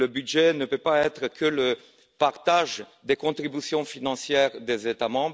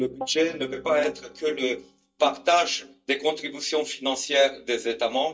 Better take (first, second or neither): first